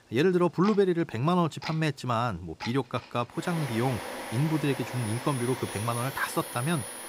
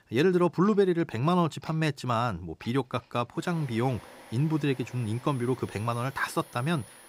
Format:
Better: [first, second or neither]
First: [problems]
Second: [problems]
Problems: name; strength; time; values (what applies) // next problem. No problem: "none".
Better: second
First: household noises; loud; throughout; 9 dB below the speech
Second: household noises; faint; throughout; 20 dB below the speech